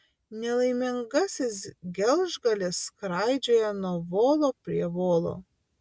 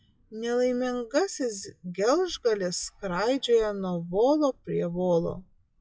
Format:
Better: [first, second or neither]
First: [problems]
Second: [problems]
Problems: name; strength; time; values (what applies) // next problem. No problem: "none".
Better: first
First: none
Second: noise reduction (classical method log-MMSE)